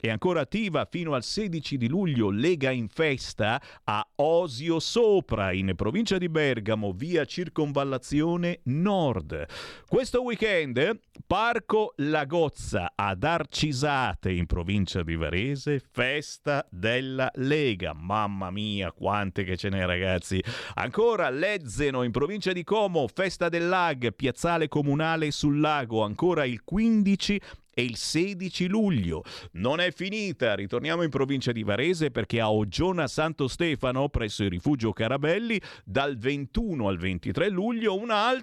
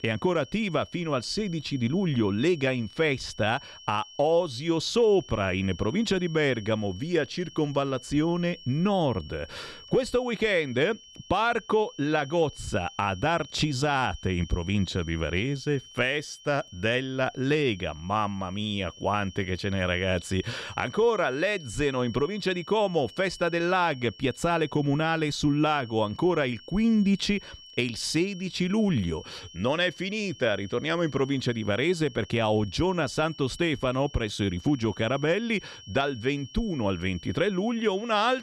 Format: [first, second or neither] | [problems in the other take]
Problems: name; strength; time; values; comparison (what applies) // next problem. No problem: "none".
first | high-pitched whine; noticeable; throughout; 3 kHz, 20 dB below the speech